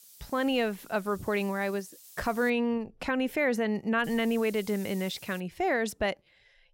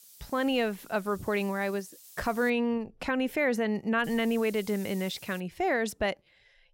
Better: neither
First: hiss; noticeable; until 2.5 s and from 4 to 5.5 s; 20 dB below the speech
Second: hiss; noticeable; until 2.5 s and from 4 to 5.5 s; 20 dB below the speech

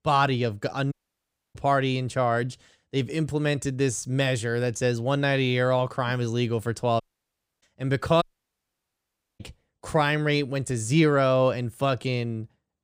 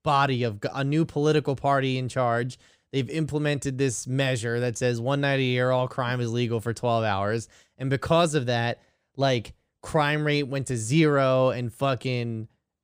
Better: second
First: audio cutting out; at 1 s for 0.5 s, at 7 s for 0.5 s and at 8 s for 1 s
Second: none

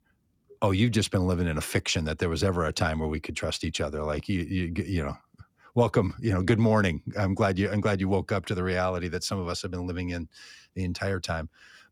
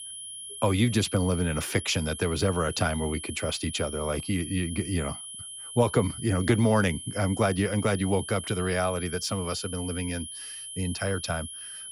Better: first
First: none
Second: high-pitched whine; loud; throughout; 10.5 kHz, 10 dB below the speech

